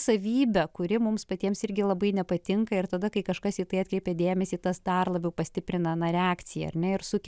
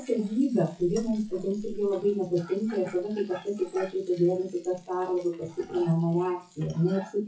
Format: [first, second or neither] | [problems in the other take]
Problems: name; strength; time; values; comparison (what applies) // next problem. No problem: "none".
first | noise reduction (classical method WPE with log-MMSE)